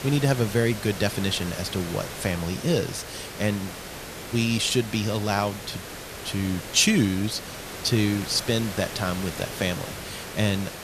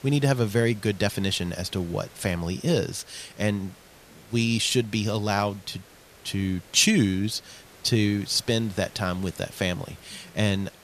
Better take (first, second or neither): second